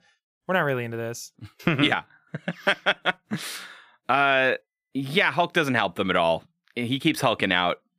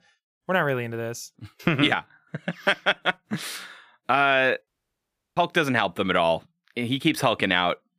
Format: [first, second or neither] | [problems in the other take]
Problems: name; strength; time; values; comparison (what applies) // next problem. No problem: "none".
first | audio cutting out; at 4.5 s for 0.5 s